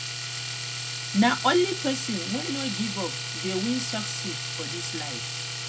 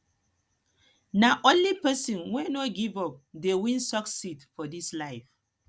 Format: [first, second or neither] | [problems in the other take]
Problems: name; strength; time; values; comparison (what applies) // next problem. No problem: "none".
second | background sound (Domestic sounds, home sounds); 3 dB below the speech // room echo; dies away in 0.2 s